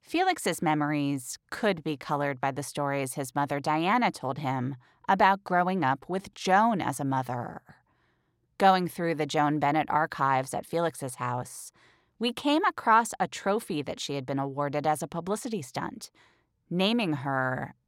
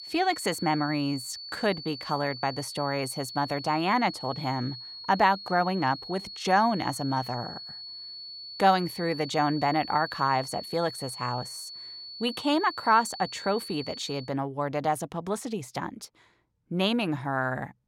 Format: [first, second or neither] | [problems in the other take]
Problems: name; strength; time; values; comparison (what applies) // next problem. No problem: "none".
first | high-pitched whine; noticeable; until 14 s; 4.5 kHz, 10 dB below the speech